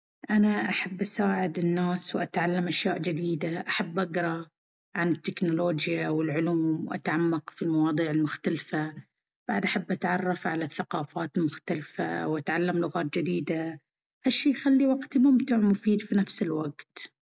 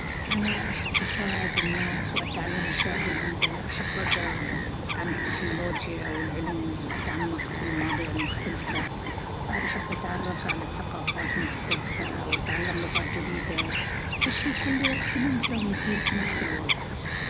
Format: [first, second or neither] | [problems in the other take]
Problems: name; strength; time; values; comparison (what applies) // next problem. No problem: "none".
first | background sound (Bird vocalization, bird call, bird song); 4 dB above the speech